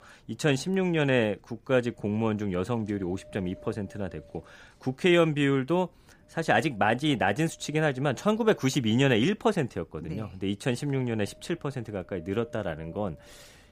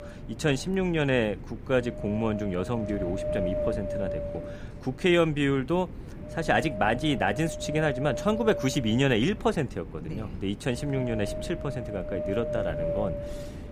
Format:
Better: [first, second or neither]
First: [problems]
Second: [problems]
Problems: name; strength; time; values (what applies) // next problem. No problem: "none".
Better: first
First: wind noise on the microphone; occasional gusts; 25 dB below the speech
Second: wind noise on the microphone; heavy; 5 dB below the speech